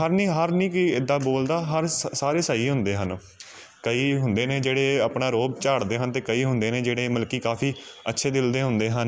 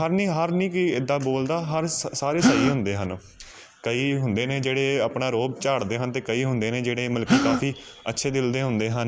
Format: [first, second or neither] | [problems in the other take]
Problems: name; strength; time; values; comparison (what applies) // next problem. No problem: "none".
first | background sound (Gasp); 2 dB below the speech